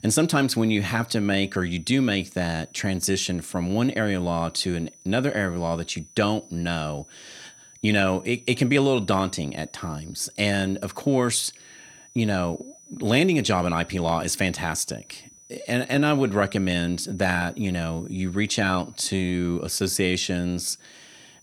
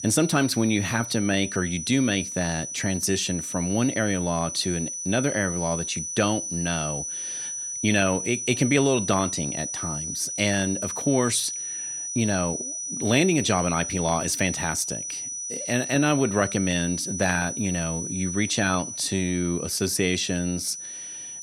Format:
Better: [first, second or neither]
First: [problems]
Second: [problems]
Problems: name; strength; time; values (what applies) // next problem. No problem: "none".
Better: first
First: high-pitched whine; faint; throughout; 6 kHz, 25 dB below the speech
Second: high-pitched whine; loud; throughout; 6 kHz, 5 dB below the speech